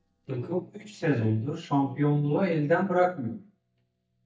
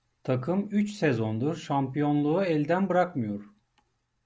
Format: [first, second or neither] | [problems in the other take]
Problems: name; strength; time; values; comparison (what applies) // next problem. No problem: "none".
second | noise reduction (neural mask model DeepFilterNet 3)